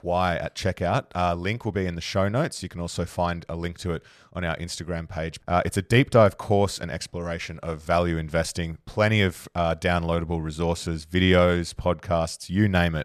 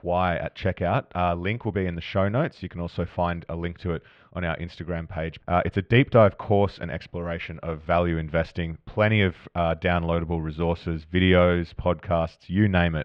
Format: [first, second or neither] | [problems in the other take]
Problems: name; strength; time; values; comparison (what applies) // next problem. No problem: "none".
first | muffled; very; fading above 3 kHz